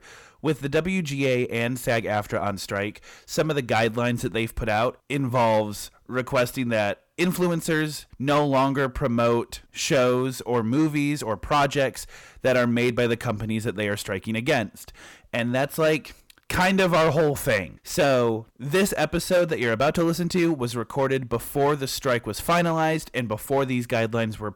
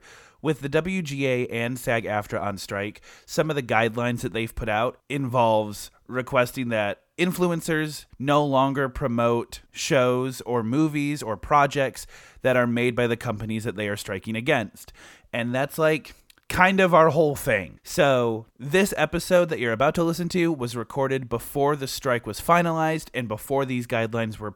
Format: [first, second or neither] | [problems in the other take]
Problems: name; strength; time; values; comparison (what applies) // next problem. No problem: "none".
second | distortion; slight; 6% of the sound clipped